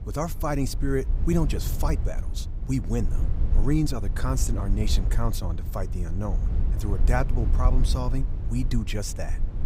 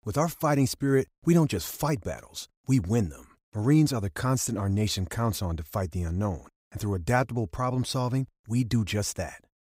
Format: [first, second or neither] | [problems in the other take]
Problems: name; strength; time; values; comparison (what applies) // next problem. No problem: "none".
second | low rumble; noticeable; throughout; 10 dB below the speech